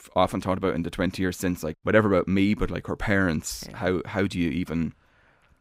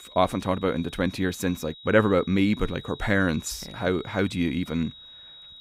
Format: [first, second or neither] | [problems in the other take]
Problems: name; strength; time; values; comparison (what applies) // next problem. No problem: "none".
first | high-pitched whine; noticeable; throughout; 4 kHz, 20 dB below the speech